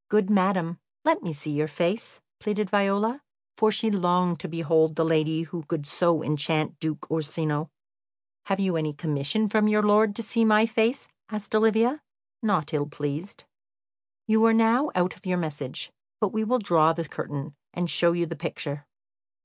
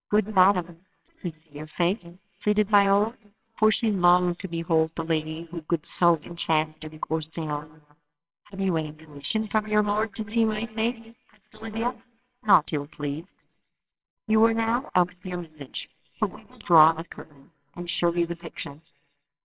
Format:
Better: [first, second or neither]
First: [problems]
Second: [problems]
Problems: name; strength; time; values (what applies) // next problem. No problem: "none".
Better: first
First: none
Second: noise reduction (neural separator model SepFormer WHAMR!)